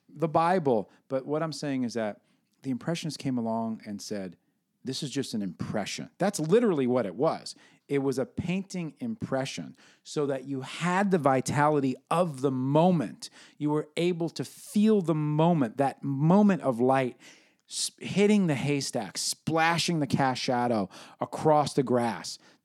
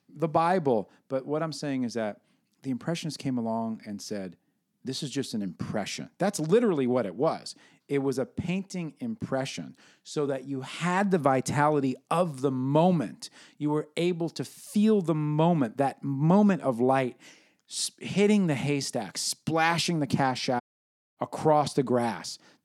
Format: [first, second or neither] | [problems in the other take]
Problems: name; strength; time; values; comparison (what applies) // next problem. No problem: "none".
first | audio cutting out; at 21 s for 0.5 s